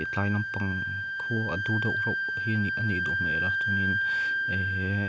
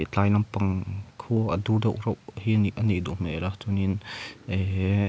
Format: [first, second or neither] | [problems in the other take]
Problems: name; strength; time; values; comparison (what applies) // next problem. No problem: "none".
second | background sound (Wind instrument, woodwind instrument); 2 dB above the speech